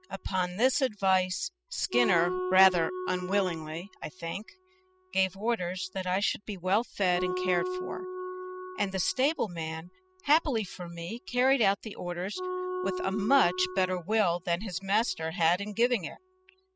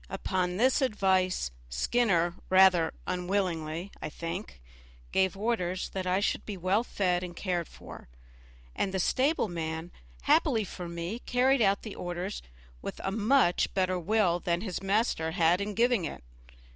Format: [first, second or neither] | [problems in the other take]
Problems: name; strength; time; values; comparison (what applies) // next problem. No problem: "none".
second | noise reduction (classical method spectral subtraction)